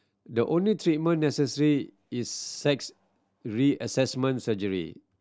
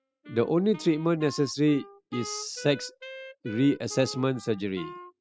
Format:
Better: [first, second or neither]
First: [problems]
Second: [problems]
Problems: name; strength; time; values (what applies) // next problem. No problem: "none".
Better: first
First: none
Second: noise reduction (classical method spectral subtraction)